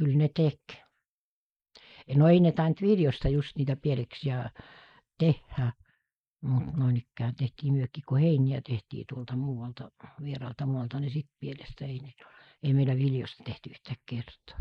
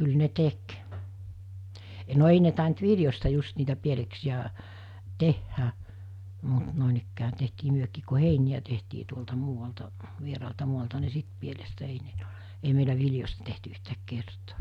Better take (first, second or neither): second